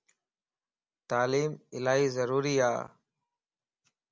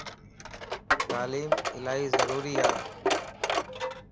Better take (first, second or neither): first